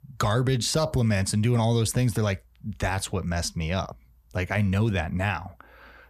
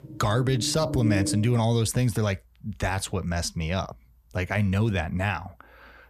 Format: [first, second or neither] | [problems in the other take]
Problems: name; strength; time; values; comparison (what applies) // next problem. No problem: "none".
first | background music; very faint; until 1.5 s; 7 dB below the speech